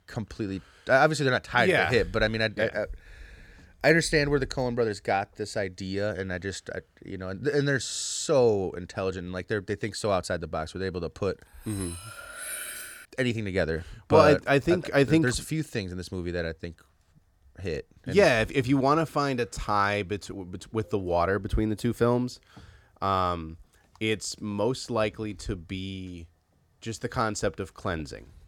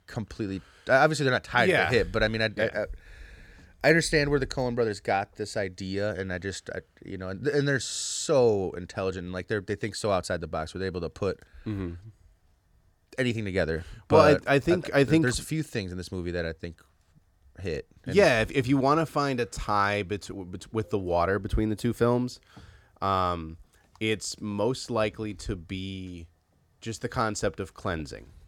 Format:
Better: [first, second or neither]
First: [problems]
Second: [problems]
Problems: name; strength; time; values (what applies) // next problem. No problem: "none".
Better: second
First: clattering dishes; noticeable; from 12 to 13 s; peak 7 dB below the speech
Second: none